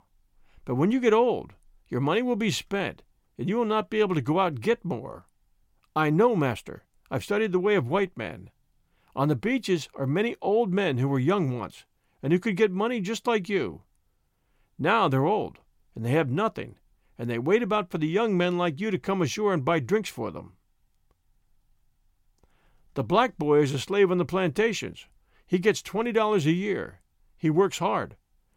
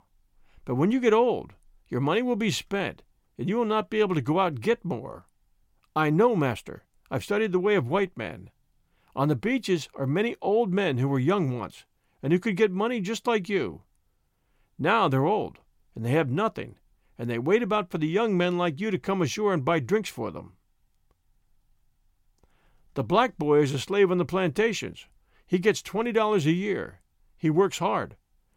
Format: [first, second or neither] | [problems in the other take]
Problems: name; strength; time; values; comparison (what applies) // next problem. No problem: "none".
neither | none